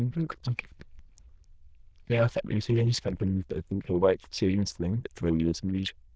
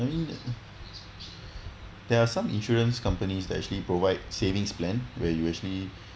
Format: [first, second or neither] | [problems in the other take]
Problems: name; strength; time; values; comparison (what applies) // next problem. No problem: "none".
second | noise reduction (neural diffusion model UNIVERSE++)